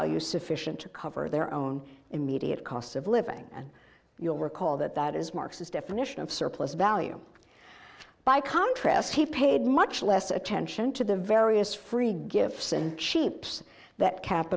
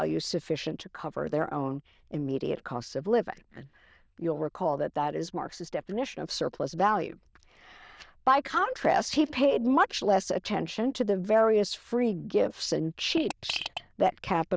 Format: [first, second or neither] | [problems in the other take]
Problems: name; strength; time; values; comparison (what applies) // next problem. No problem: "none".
first | noise reduction (neural diffusion model UNIVERSE++)